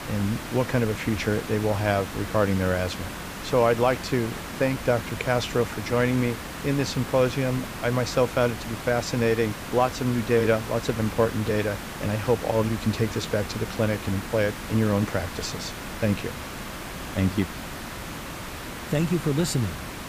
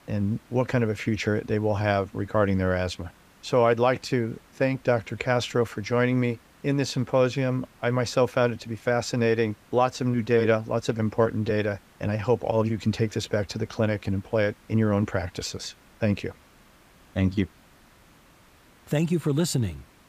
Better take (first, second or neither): second